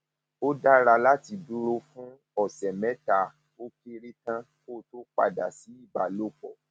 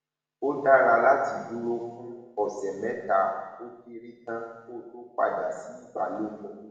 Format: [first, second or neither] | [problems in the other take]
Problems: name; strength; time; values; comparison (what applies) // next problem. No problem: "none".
first | room echo; dies away in 1.2 s